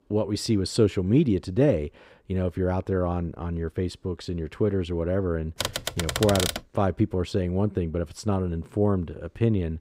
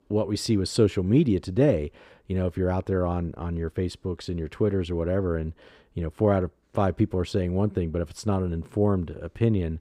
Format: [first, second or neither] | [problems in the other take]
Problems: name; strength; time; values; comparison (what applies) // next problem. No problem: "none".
second | keyboard typing; noticeable; from 5.5 to 6.5 s; peak level with the speech